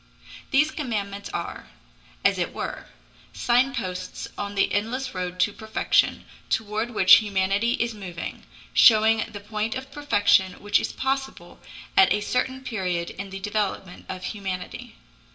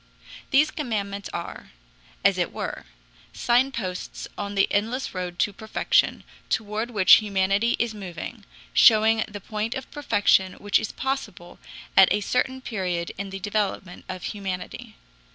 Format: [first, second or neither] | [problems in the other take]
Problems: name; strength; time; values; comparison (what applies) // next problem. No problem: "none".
second | room echo; dies away in 0.8 s